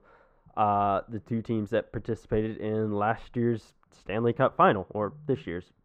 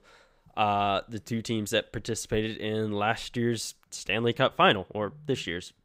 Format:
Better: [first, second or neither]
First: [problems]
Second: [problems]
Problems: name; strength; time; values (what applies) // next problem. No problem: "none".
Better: second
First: muffled; very; fading above 2.5 kHz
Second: none